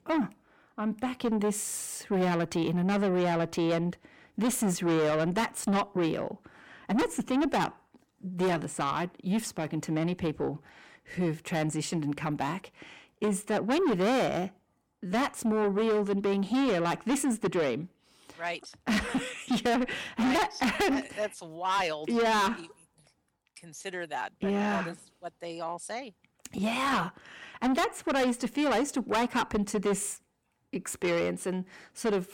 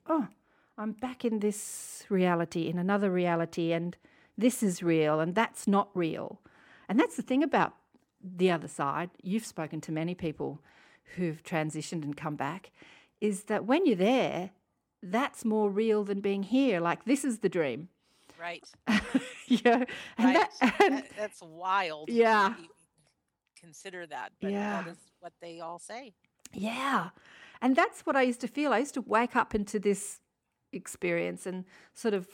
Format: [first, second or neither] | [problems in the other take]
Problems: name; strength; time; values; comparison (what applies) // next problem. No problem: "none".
second | distortion; heavy; 6 dB below the speech